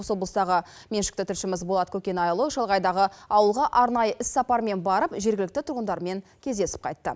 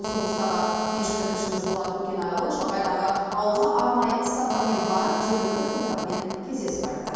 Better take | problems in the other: first | background sound (Telephone); 6 dB below the speech // room echo; dies away in 2.1 s

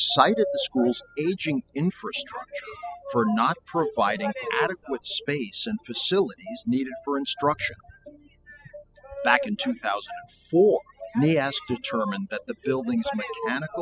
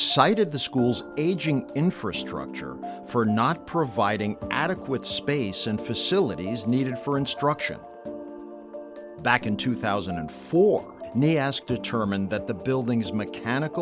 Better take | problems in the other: second | noise reduction (classical method spectral subtraction)

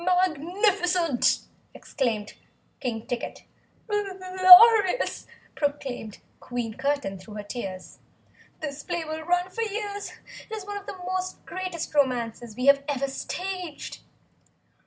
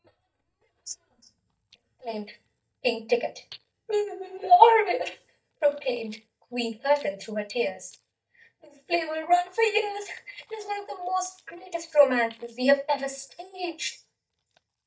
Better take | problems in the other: first | noise reduction (neural mask model DeepFilterNet 3)

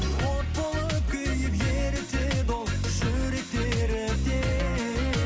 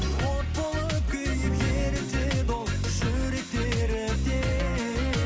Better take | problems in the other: first | background sound (Acoustic guitar / Strum); 8 dB below the speech

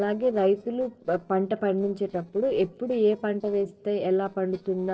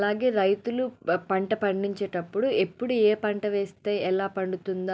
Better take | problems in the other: second | noise reduction (neural separator model SepFormer DNS4)

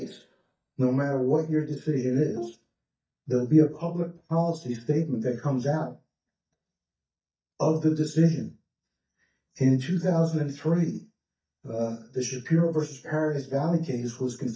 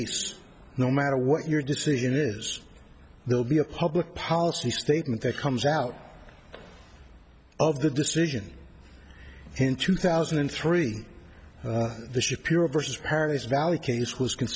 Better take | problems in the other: second | noise reduction (neural mask model DeepFilterNet 3)

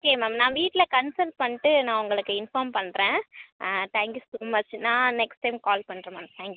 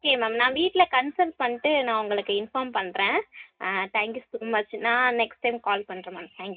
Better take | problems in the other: first | room echo; dies away in 0.3 s

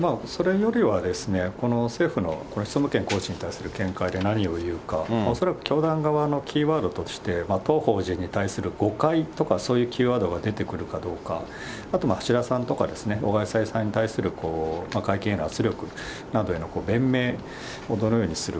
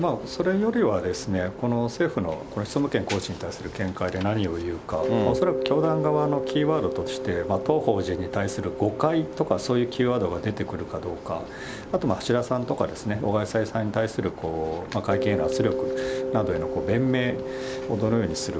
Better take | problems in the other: first | background sound (Mallet percussion); 7 dB below the speech

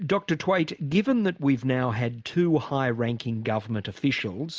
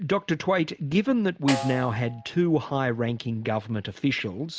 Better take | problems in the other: first | background sound (Snare drum); 12 dB below the speech

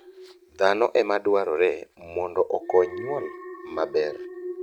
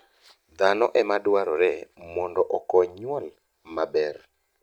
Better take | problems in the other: second | background sound (Alarm); 14 dB below the speech

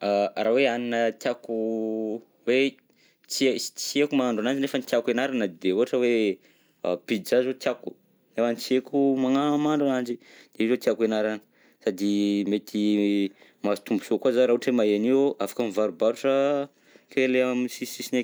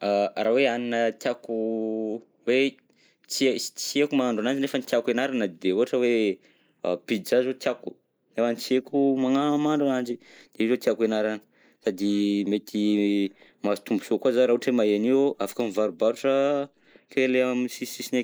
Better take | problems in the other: first | noise reduction (neural mask model Resemble Enhance denoiser)

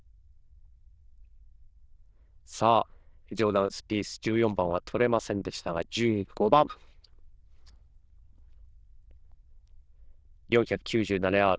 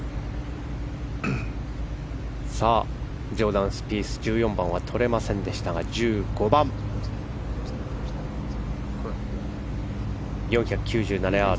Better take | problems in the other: second | noise reduction (neural diffusion model UNIVERSE++)

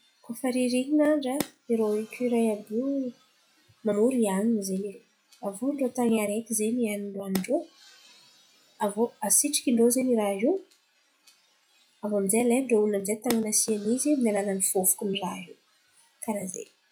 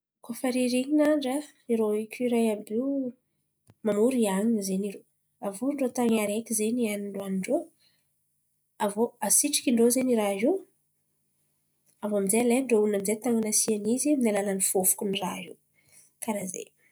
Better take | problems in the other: second | noise reduction (classical method log-MMSE)

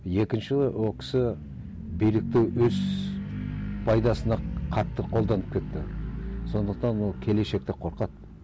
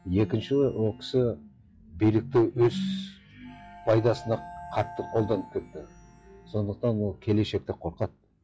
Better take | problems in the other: first | noise reduction (classical method log-MMSE)

